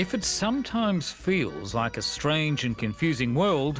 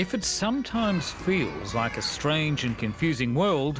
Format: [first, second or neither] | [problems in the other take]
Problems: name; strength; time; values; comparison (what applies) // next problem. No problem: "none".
first | background sound (Human group actions); 13 dB below the speech